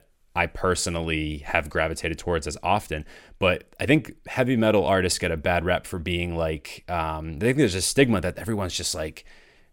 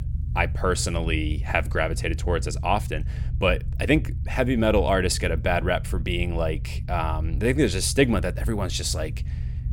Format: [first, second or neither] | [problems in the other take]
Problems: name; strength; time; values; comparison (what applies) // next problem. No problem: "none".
first | low rumble; faint; throughout; 20 dB below the speech